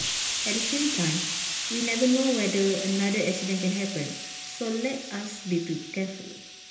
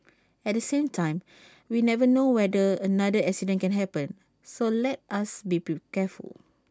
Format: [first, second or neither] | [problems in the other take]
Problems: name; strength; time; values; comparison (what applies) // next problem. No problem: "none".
second | background sound (Explosion); 4 dB below the speech // room echo; dies away in 0.8 s